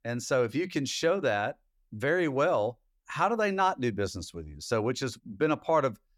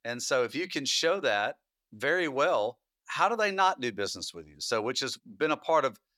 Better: first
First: none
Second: thin; very slightly; fading below 600 Hz

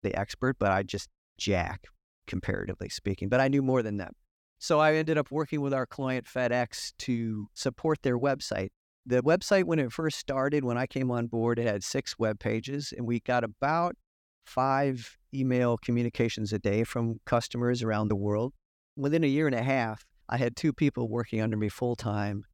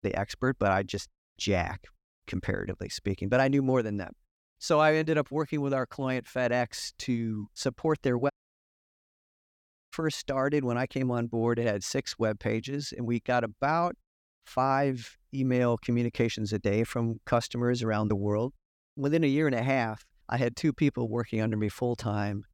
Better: first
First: none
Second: audio cutting out; at 8.5 s for 1.5 s

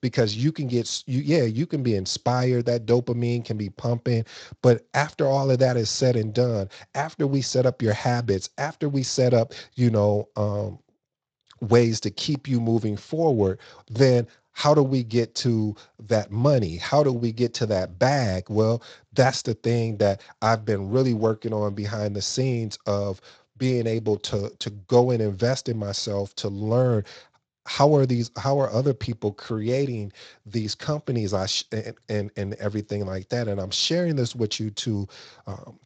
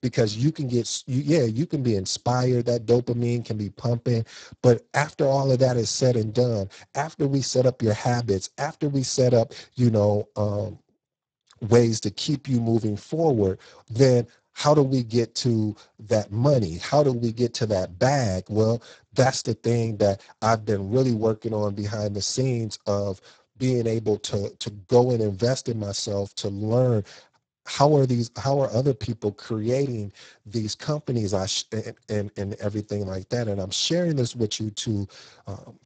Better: first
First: garbled, watery; slightly; nothing above 7.5 kHz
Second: garbled, watery; badly; nothing above 7.5 kHz

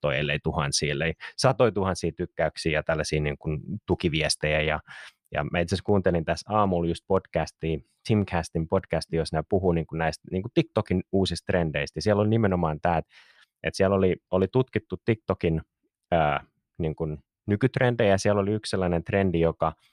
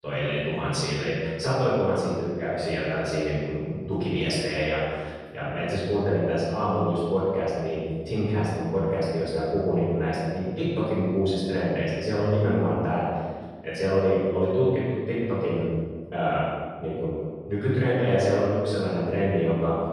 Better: first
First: none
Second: off-mic speech; far // room echo; strong; dies away in 1.6 s

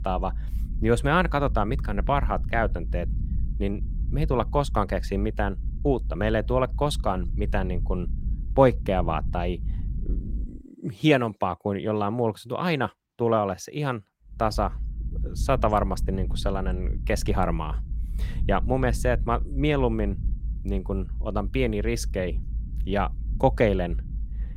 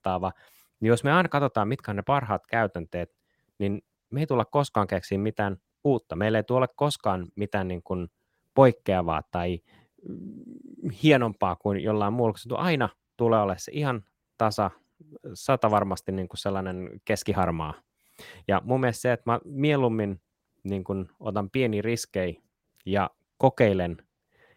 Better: second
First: low rumble; faint; until 10 s and from 14 s on; 20 dB below the speech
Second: none

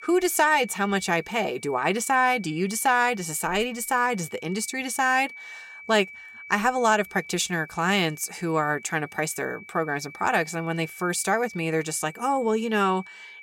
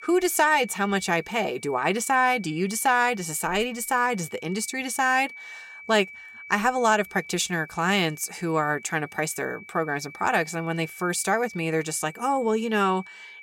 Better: neither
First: high-pitched whine; noticeable; throughout; 2.5 kHz, 20 dB below the speech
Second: high-pitched whine; noticeable; throughout; 2.5 kHz, 20 dB below the speech

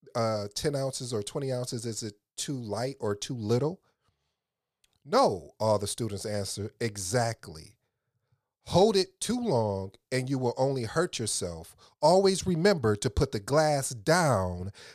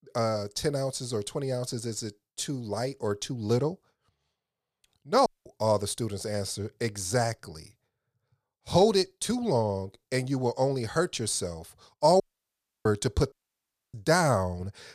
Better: first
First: none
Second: audio cutting out; at 5.5 s, at 12 s for 0.5 s and at 13 s for 0.5 s

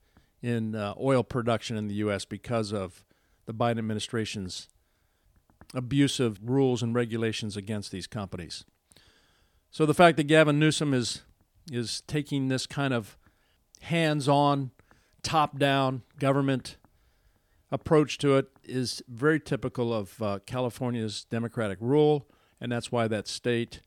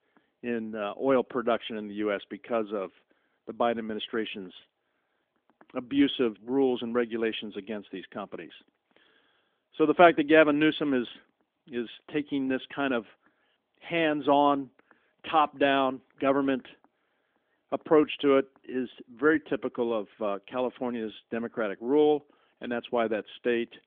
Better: first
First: none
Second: phone-call audio; nothing above 3.5 kHz

